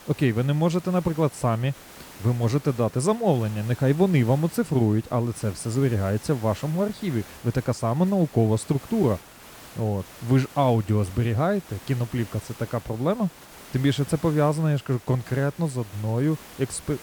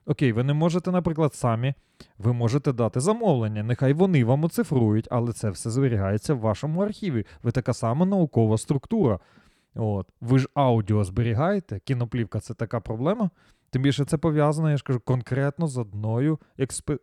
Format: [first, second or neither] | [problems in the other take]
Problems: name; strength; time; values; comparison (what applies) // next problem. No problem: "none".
second | hiss; noticeable; throughout; 20 dB below the speech